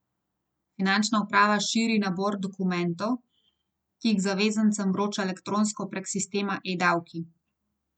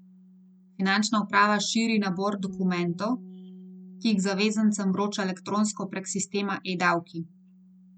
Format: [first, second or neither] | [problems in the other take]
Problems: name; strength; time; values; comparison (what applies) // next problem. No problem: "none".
first | background sound (Bass guitar); 20 dB below the speech